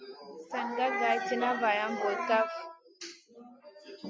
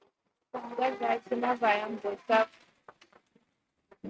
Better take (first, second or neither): first